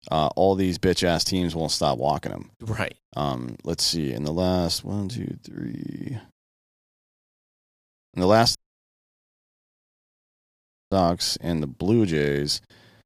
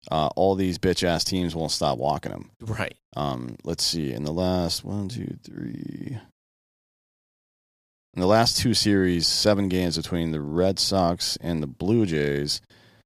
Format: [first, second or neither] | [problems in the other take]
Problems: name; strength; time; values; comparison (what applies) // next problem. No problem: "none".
second | audio cutting out; at 8.5 s for 2.5 s